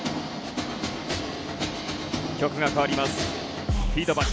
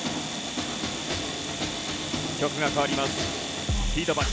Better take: first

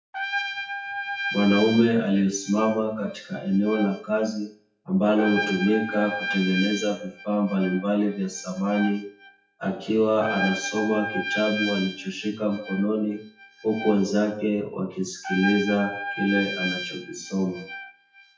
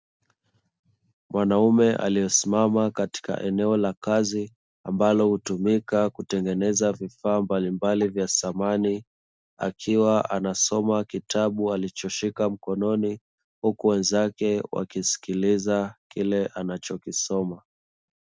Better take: second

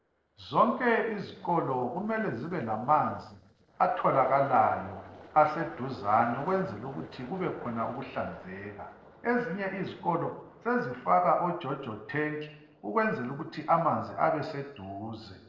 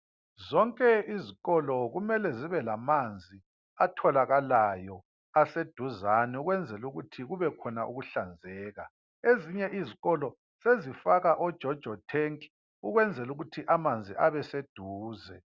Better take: second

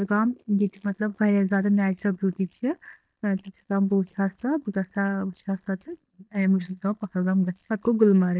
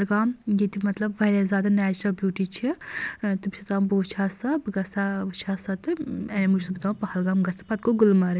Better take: second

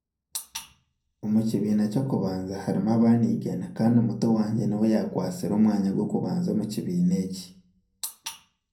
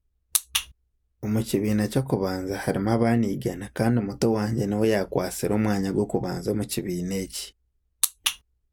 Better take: second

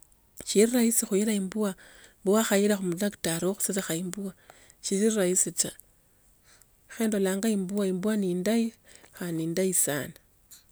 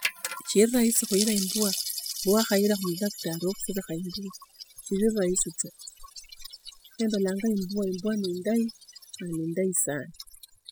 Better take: first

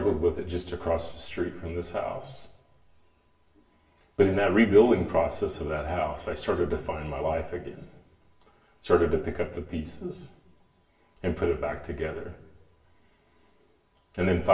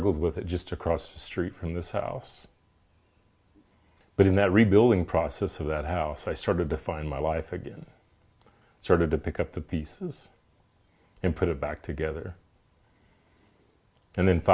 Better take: second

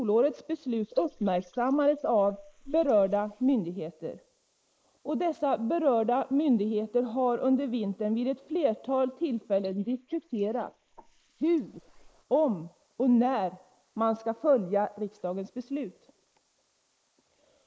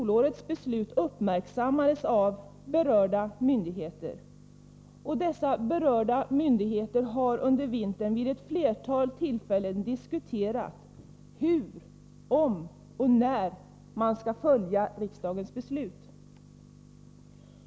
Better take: second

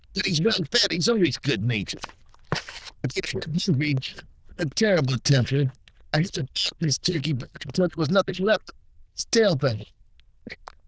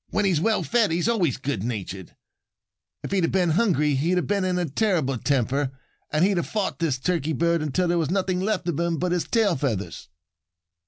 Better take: second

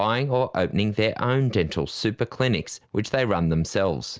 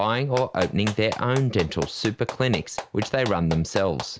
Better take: first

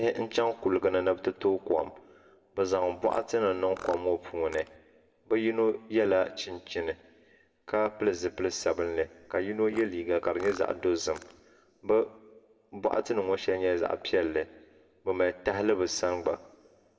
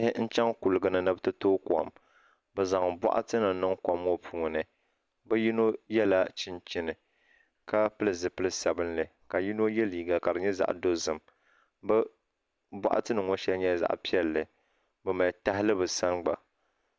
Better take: second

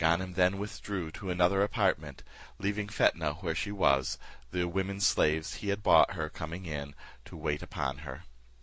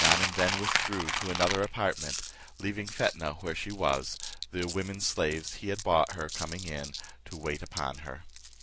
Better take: first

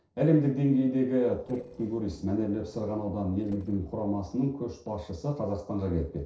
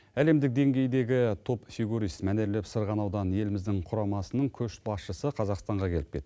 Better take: second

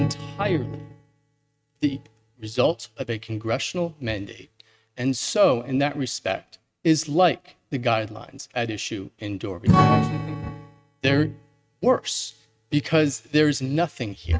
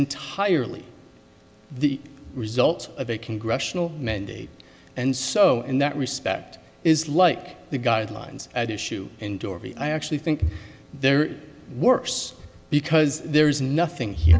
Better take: second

